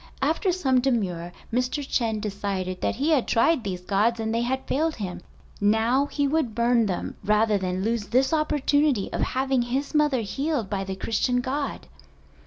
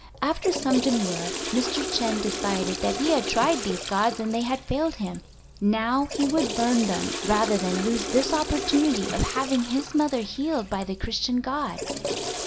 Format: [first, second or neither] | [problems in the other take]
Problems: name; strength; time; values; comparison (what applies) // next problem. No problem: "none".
first | background sound (Toilet flush / Water); 7 dB below the speech